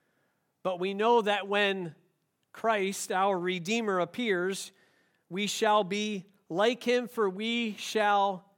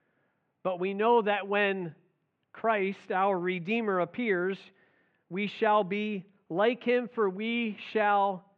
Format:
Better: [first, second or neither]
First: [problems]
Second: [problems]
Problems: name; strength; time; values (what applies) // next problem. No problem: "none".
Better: first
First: none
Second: muffled; very; fading above 2.5 kHz